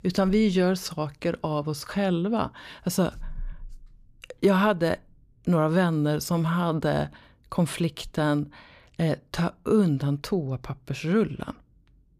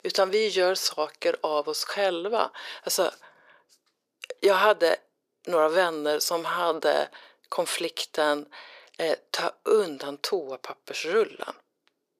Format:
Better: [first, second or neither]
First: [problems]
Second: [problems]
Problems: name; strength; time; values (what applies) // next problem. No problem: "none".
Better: first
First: none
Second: thin; very; fading below 450 Hz